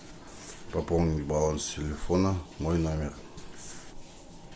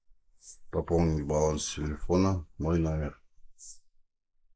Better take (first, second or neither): first